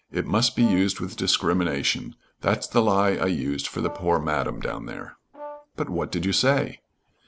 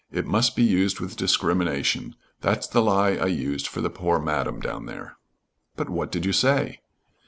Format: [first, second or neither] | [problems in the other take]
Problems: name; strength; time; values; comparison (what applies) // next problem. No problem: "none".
second | background sound (Brass instrument); 17 dB below the speech